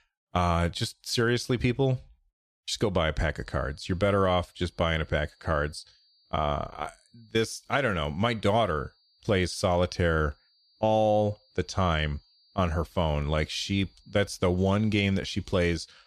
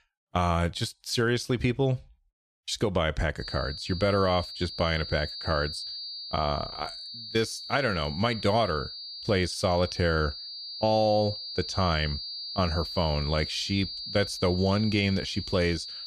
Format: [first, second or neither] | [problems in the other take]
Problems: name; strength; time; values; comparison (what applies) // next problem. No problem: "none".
first | high-pitched whine; loud; from 3.5 s on; 4.5 kHz, 8 dB below the speech; faint in the first